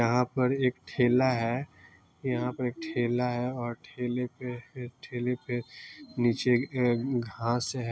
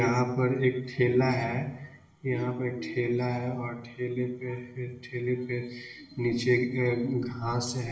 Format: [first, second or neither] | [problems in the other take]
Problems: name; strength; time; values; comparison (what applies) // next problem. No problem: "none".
first | room echo; dies away in 0.8 s